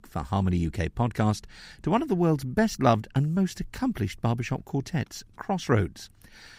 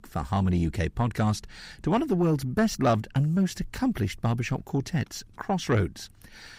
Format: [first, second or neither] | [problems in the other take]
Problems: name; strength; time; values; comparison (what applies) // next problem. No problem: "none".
first | distortion; slight; 10 dB below the speech